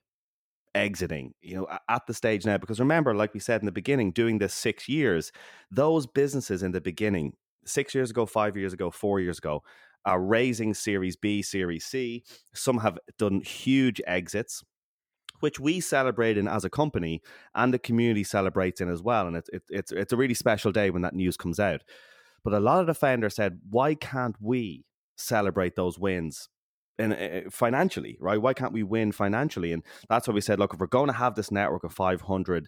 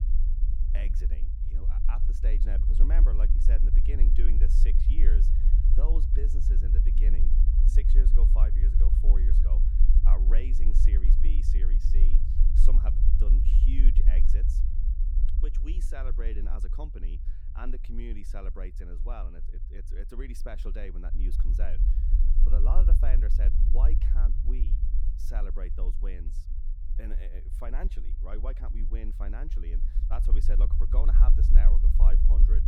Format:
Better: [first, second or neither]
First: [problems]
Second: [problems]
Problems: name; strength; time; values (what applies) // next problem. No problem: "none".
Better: first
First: none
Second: low rumble; loud; throughout; 3 dB below the speech